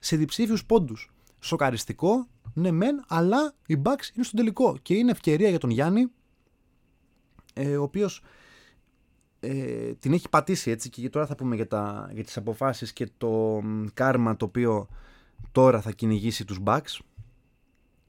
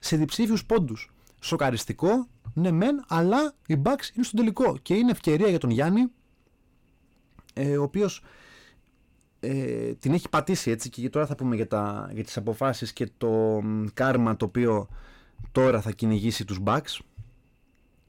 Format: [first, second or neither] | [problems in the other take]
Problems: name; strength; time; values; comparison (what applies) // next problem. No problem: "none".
first | distortion; slight; 10 dB below the speech